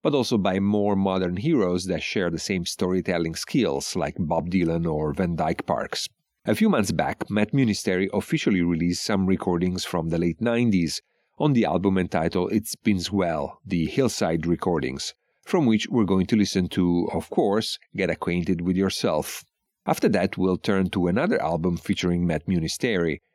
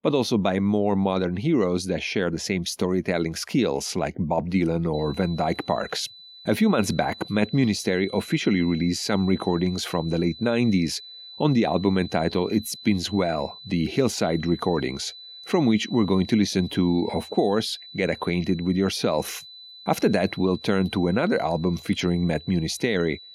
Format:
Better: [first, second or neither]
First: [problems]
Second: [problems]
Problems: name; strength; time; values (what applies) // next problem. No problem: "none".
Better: first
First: none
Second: high-pitched whine; noticeable; from 5 s on; 4 kHz, 15 dB below the speech